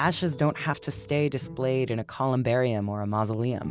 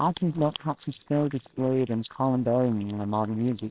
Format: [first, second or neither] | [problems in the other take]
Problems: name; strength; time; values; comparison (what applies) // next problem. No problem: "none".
first | noise reduction (neural separator model SepFormer WHAMR!)